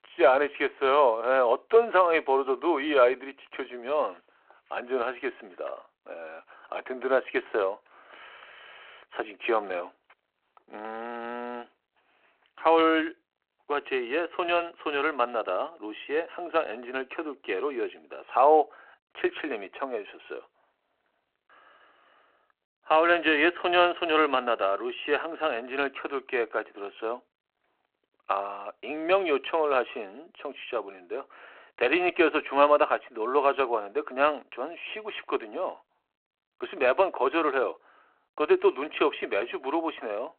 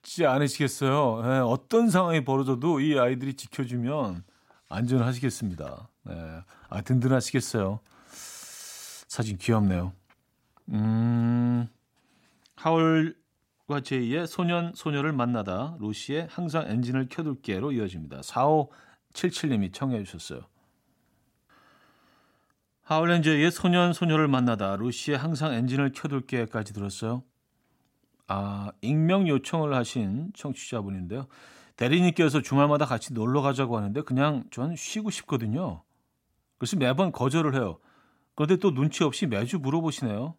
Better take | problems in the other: second | phone-call audio

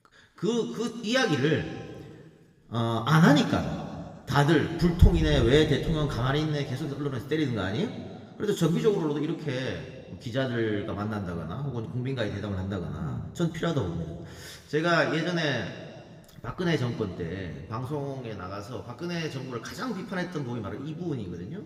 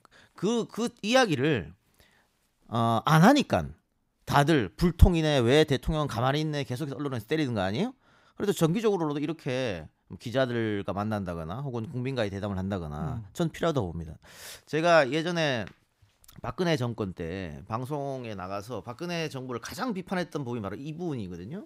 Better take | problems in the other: second | room echo; slight; dies away in 1.8 s

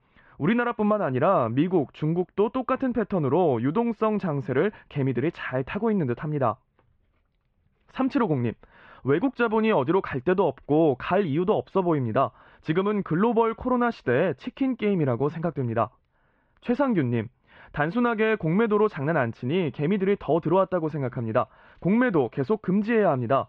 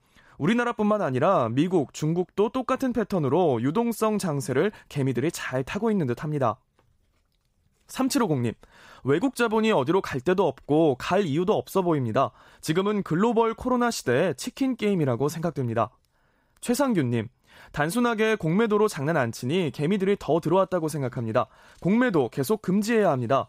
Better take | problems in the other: second | muffled; very; fading above 3 kHz

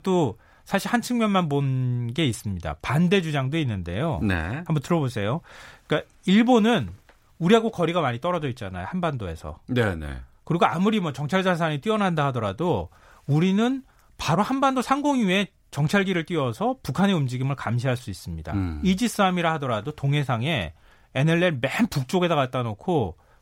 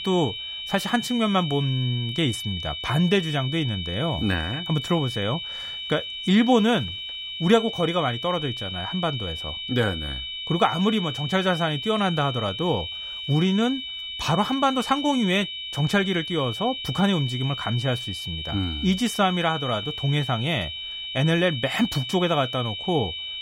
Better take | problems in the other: first | high-pitched whine; loud; throughout; 3 kHz, 6 dB below the speech

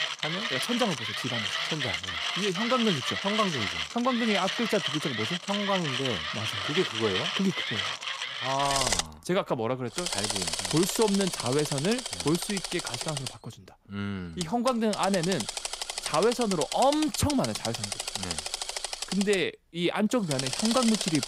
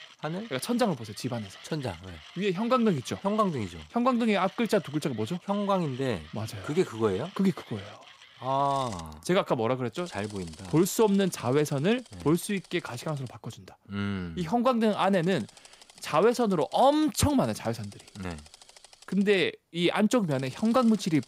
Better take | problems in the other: second | machinery noise; loud; throughout; 1 dB below the speech; faint in the second

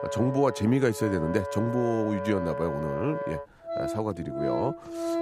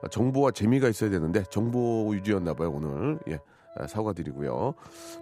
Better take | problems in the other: second | background music; loud; throughout; 6 dB below the speech; faint in the second

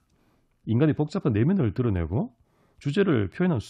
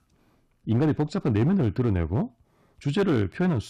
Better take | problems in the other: first | distortion; slight; 7% of the sound clipped

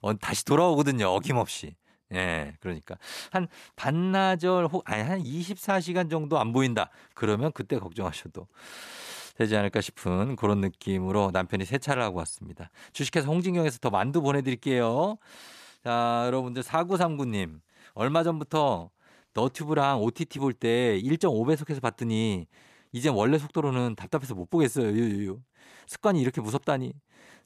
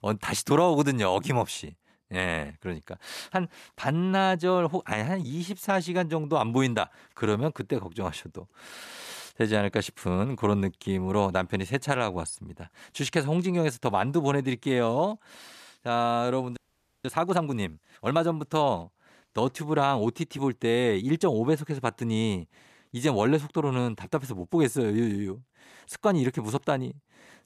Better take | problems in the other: first | audio freezing; at 17 s

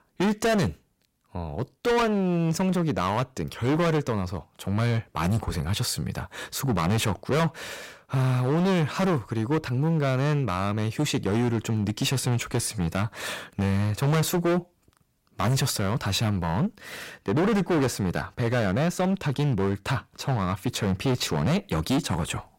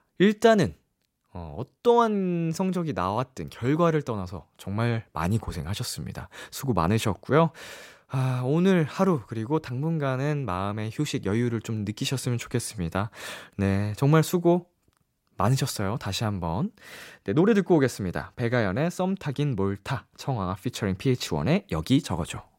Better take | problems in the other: second | distortion; heavy; 18% of the sound clipped

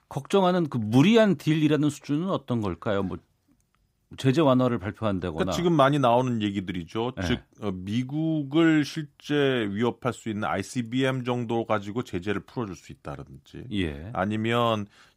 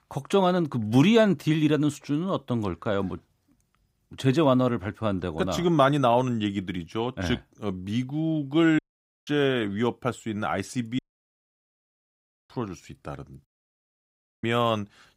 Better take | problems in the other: first | audio cutting out; at 9 s, at 11 s for 1.5 s and at 13 s for 1 s

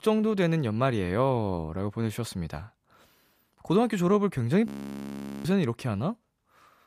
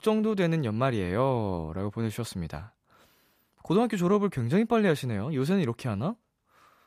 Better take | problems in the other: second | audio freezing; at 4.5 s for 1 s

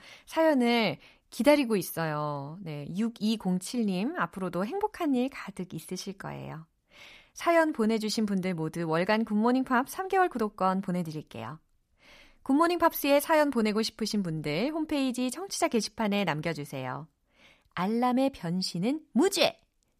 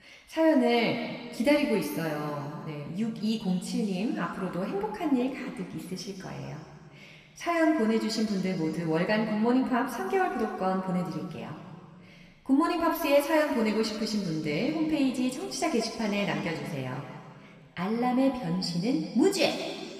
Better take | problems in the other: first | room echo; noticeable; dies away in 2.2 s // off-mic speech; somewhat distant

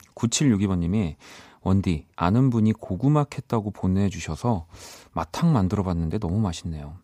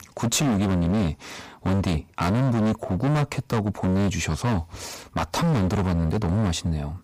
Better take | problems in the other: first | distortion; heavy; 30% of the sound clipped

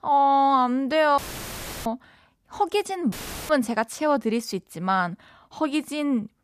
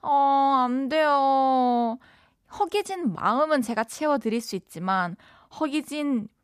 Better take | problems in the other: second | audio cutting out; filled with static; at 1 s for 0.5 s and at 3 s

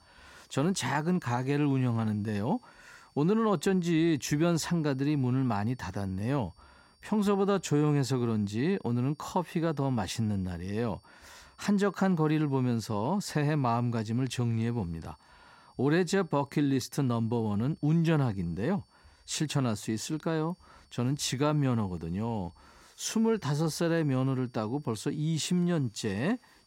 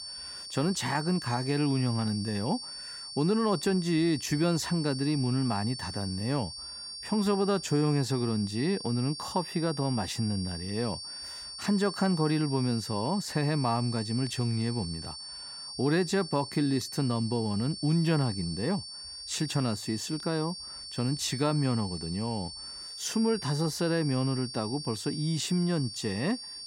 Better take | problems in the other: first | high-pitched whine; loud; throughout; 4.5 kHz, 9 dB below the speech; faint in the first

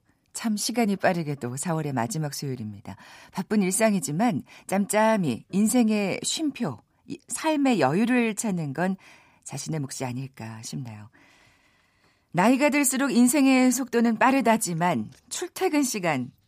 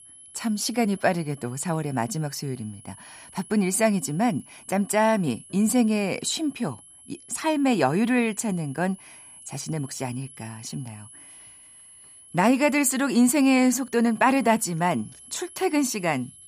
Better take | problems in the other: first | high-pitched whine; faint; throughout; 11 kHz, 20 dB below the speech

